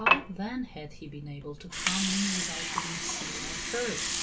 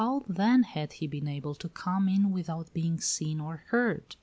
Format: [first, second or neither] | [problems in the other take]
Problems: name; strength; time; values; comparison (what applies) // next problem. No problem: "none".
second | background sound (Water); 4 dB above the speech // room echo; dies away in 0.2 s